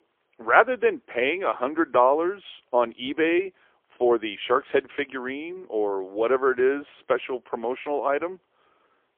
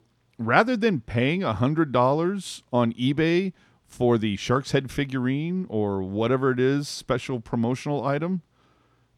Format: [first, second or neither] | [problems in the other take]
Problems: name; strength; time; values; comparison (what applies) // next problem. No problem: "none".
second | phone-call audio; poor line; nothing above 3.5 kHz